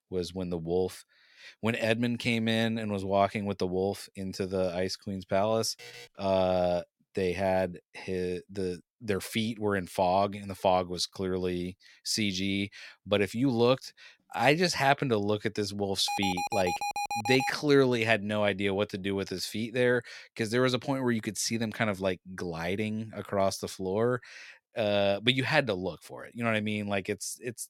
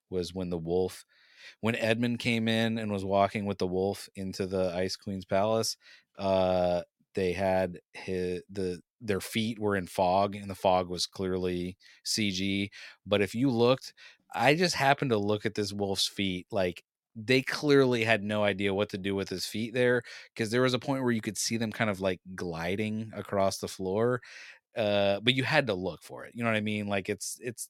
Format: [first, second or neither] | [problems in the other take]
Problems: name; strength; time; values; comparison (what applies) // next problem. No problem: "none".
second | alarm; faint; at 6 s; peak 15 dB below the speech // alarm; noticeable; from 16 to 18 s; peak 3 dB below the speech